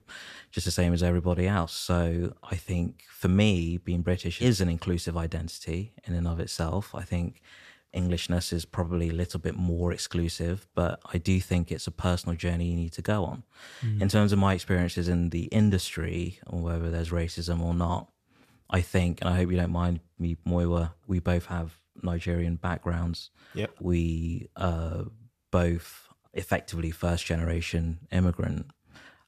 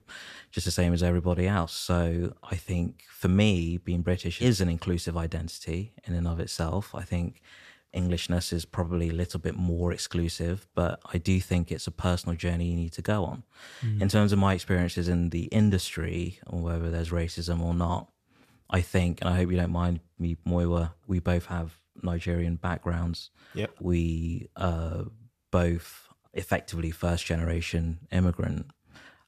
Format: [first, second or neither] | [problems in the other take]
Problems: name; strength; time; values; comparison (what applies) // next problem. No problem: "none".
neither | none